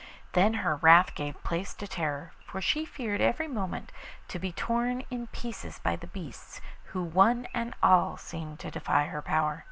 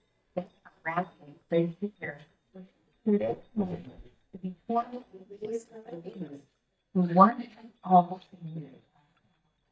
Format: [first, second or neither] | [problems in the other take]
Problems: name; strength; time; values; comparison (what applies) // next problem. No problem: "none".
first | noise reduction (neural mask model DeepFilterNet 3)